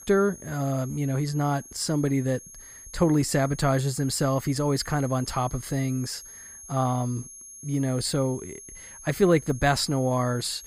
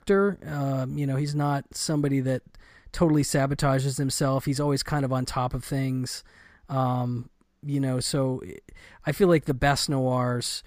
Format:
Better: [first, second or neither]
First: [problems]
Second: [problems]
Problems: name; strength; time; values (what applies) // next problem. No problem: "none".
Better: second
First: high-pitched whine; noticeable; throughout; 6.5 kHz, 15 dB below the speech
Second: none